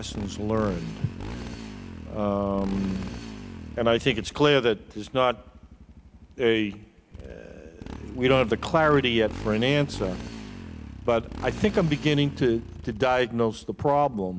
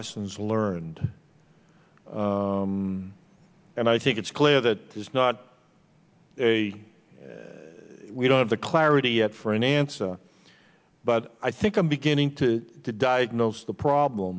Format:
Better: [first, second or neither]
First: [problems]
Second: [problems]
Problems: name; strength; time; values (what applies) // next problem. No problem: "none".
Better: second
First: background sound (Motorcycle); 13 dB below the speech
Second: none